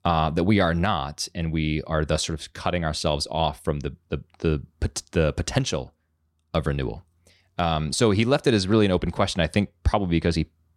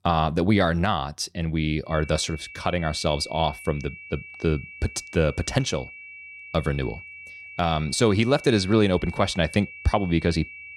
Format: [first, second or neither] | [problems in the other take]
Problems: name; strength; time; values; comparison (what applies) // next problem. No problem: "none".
first | high-pitched whine; noticeable; from 2 s on; 2.5 kHz, 15 dB below the speech